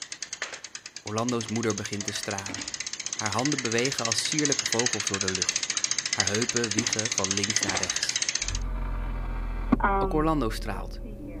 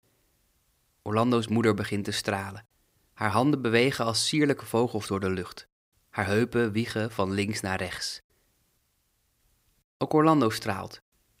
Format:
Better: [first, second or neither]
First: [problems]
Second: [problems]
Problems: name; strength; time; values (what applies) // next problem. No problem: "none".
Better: second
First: traffic noise; very loud; throughout; 3 dB above the speech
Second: none